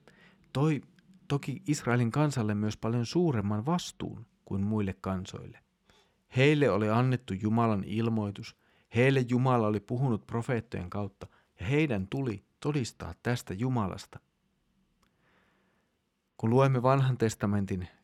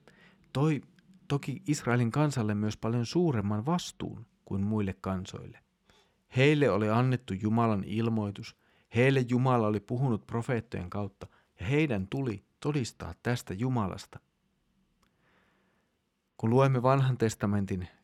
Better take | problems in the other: neither | none

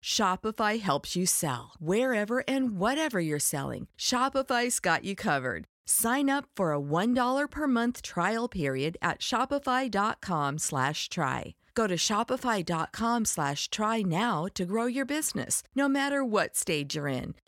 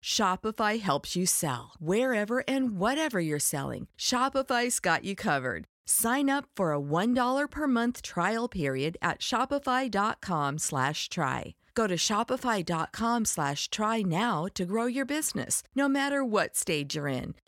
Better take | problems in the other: neither | none

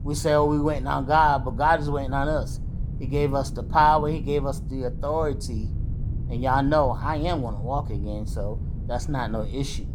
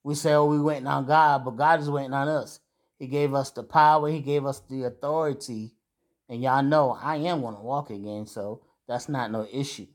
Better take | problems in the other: second | low rumble; faint; throughout; 20 dB below the speech

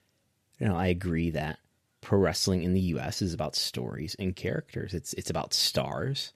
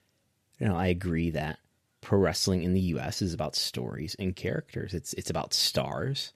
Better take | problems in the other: neither | none

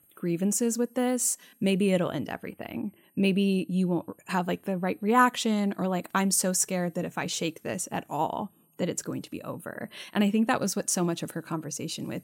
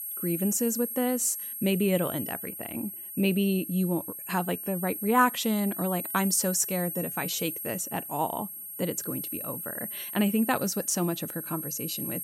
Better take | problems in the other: first | high-pitched whine; loud; throughout; 11.5 kHz, 6 dB below the speech; faint in the first

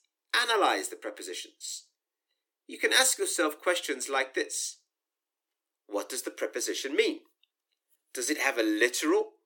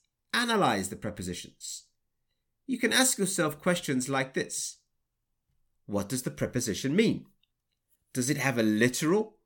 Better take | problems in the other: second | thin; very; fading below 300 Hz

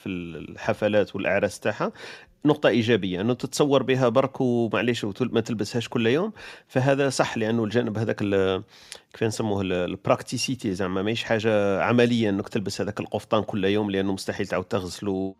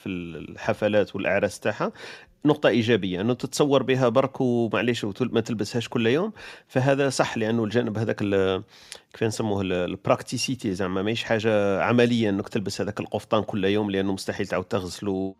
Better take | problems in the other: neither | none

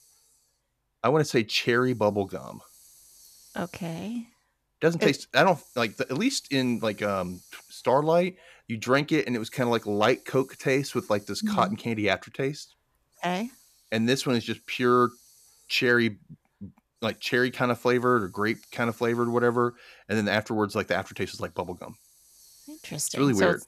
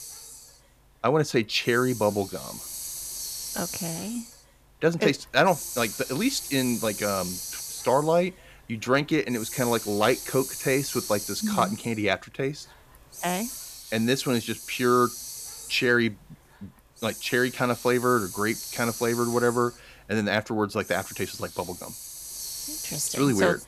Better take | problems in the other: first | hiss; loud; throughout; 9 dB below the speech; faint in the first

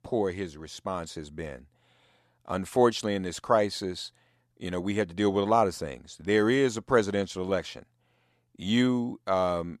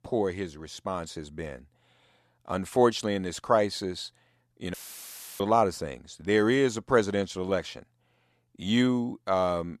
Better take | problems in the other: first | audio cutting out; filled with static; at 4.5 s for 0.5 s

